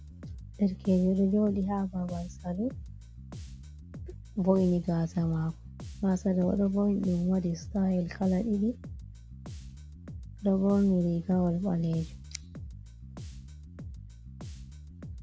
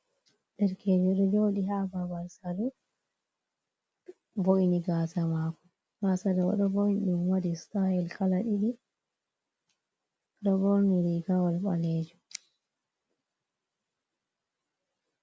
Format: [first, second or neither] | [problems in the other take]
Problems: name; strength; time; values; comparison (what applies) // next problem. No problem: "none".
second | background sound (Bass guitar); 13 dB below the speech